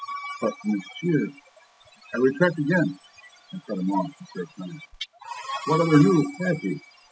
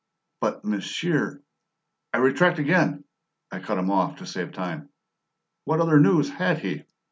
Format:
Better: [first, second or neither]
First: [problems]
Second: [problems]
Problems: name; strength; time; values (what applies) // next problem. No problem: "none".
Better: second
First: noise reduction (classical method spectral subtraction)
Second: none